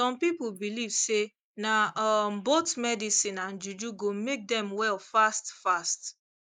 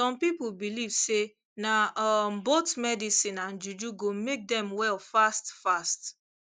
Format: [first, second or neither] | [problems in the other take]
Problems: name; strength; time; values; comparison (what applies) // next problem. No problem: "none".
second | noise reduction (neural mask model Resemble Enhance denoiser)